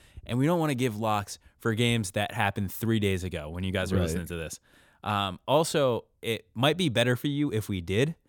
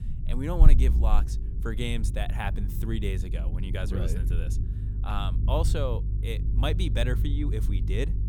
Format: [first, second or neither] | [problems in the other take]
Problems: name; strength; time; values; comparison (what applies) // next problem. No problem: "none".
first | low rumble; loud; throughout; 9 dB below the speech